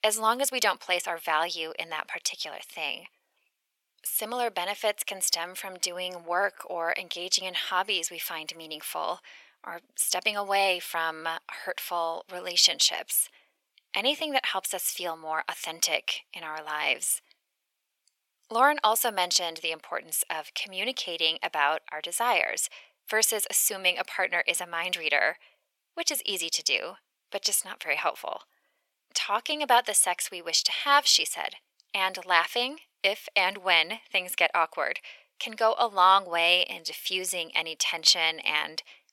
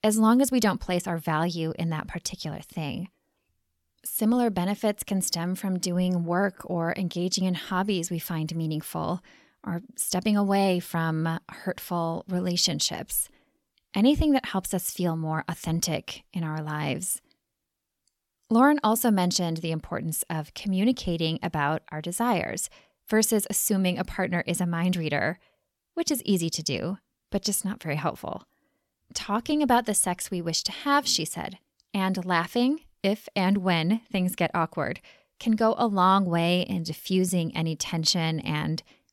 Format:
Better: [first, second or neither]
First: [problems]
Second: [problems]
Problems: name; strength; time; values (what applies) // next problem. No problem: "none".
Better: second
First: thin; very; fading below 550 Hz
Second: none